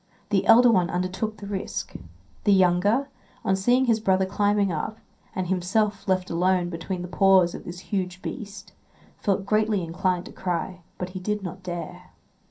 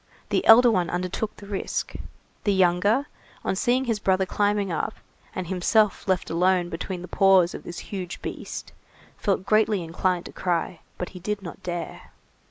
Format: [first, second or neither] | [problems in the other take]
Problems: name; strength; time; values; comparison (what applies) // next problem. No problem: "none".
second | room echo; dies away in 0.3 s